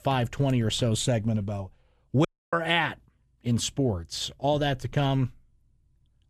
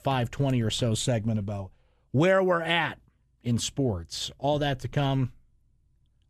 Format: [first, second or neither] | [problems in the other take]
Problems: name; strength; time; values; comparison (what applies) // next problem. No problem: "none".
second | audio cutting out; at 2.5 s